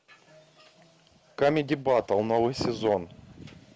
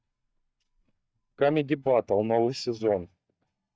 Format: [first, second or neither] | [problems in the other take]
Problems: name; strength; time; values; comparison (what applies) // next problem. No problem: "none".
first | noise reduction (neural mask model DeepFilterNet 3)